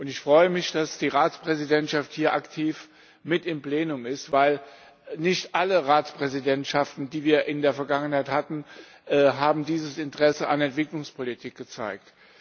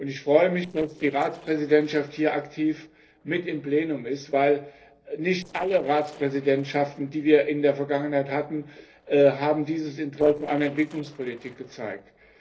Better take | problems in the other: first | noise reduction (neural separator model SepFormer DNS4)

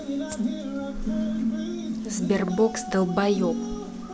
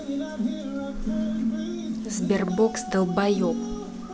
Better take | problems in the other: second | background sound (Rattle (instrument)); 19 dB below the speech

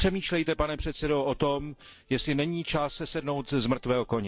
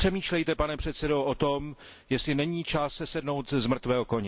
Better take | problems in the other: second | noise reduction (neural separator model SepFormer DNS4)

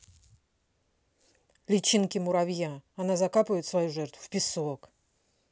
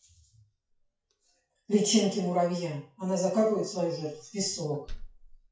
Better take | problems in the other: first | noise reduction (classical method WPE with log-MMSE)

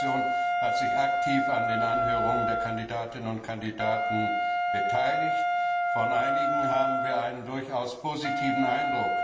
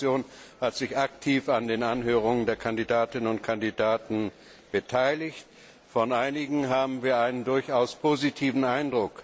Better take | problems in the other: second | background sound (Wind instrument, woodwind instrument); 4 dB above the speech // room echo; dies away in 1.6 s

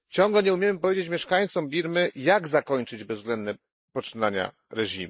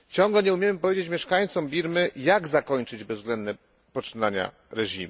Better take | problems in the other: second | noise reduction (neural mask model Resemble Enhance denoiser)

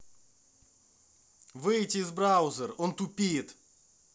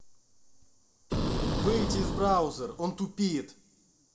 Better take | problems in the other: first | background sound (Boom); as loud as the speech // room echo; dies away in 0.5 s

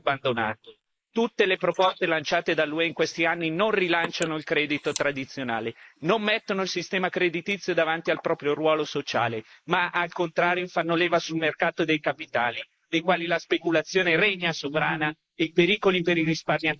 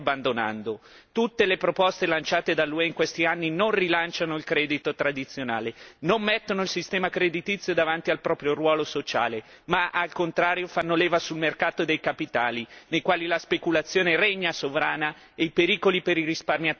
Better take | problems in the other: second | noise reduction (neural mask model Resemble Enhance denoiser)

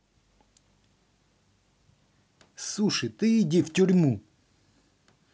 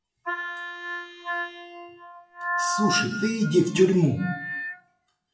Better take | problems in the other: first | noise reduction (classical method WPE with log-MMSE)

